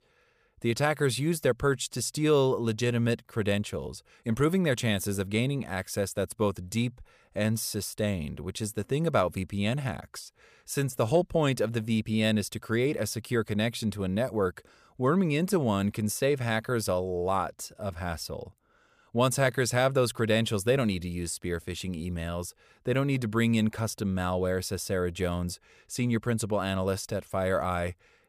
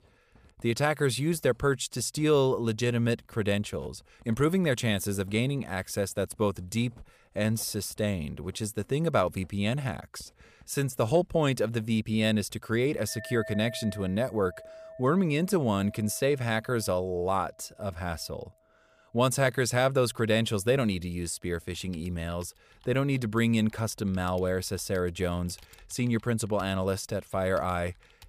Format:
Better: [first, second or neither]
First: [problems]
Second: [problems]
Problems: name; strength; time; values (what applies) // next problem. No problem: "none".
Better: first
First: none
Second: household noises; faint; throughout; 25 dB below the speech